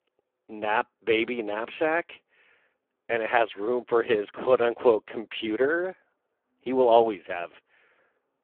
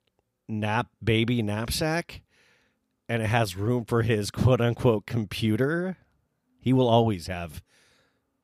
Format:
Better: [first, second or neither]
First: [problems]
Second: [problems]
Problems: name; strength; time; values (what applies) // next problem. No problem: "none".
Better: second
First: phone-call audio; poor line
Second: none